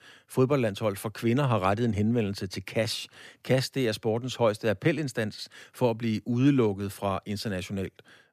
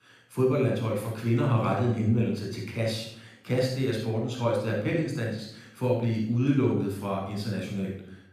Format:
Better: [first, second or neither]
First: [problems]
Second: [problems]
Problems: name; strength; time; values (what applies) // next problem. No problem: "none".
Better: first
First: none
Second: off-mic speech; far // room echo; noticeable; dies away in 0.6 s